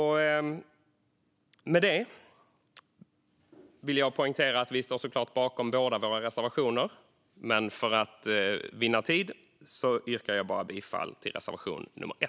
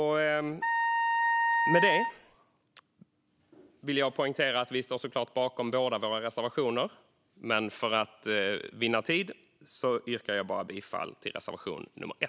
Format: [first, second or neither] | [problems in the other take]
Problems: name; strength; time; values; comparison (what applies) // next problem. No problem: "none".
first | background sound (Wind instrument, woodwind instrument); 3 dB above the speech